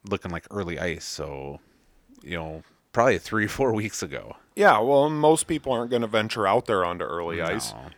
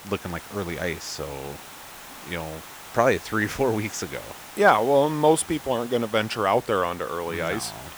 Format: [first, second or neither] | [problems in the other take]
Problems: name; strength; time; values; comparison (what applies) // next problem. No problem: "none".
first | hiss; noticeable; throughout; 15 dB below the speech